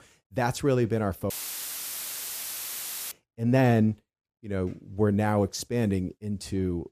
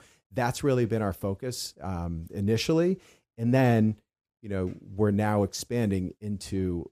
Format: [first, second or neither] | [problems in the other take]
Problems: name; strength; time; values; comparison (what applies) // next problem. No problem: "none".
second | audio cutting out; filled with static; at 1.5 s for 2 s